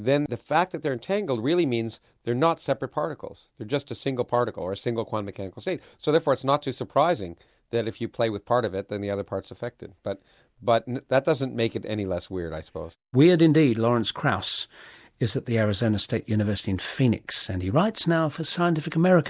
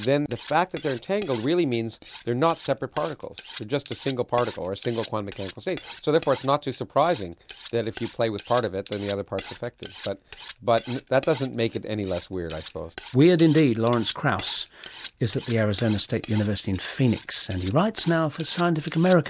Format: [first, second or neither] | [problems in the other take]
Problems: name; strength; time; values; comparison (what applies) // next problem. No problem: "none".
first | background sound (Cutlery, silverware); 19 dB below the speech